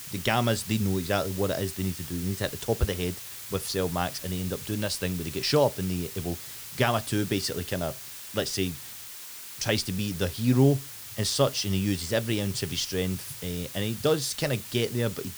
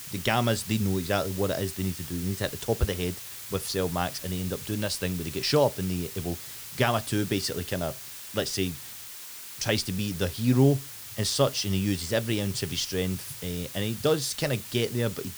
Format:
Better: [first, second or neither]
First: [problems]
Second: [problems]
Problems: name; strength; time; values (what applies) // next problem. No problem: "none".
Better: neither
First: hiss; loud; throughout; 10 dB below the speech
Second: hiss; loud; throughout; 10 dB below the speech